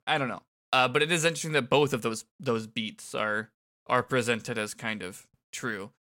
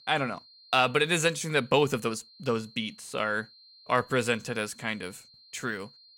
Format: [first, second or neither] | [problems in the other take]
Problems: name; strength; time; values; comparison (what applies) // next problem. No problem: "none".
first | high-pitched whine; faint; throughout; 4 kHz, 25 dB below the speech